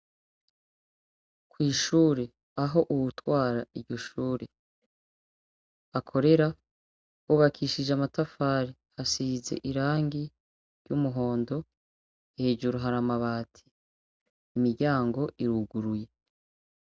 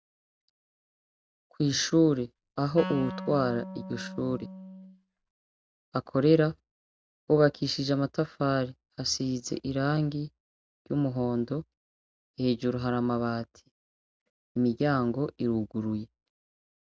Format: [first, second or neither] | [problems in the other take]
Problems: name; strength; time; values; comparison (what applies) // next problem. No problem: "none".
first | background sound (Wind instrument, woodwind instrument); 10 dB below the speech